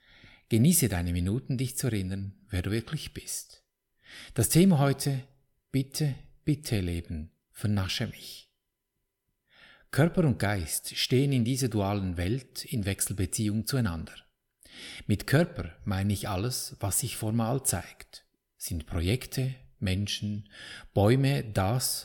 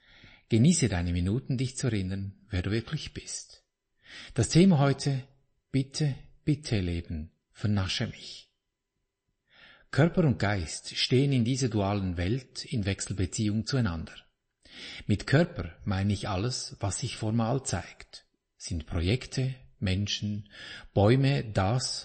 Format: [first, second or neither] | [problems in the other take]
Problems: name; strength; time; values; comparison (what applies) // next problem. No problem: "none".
first | garbled, watery; slightly; nothing above 8 kHz